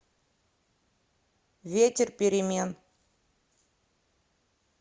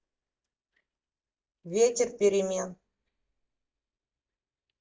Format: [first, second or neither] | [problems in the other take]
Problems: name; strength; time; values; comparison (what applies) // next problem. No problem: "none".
first | noise reduction (neural mask model DeepFilterNet 3)